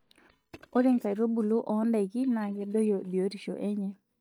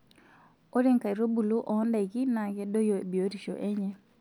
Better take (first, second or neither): second